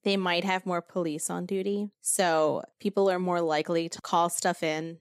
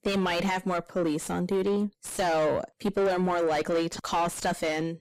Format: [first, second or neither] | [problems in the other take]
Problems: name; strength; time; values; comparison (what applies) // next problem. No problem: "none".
first | distortion; heavy; 5 dB below the speech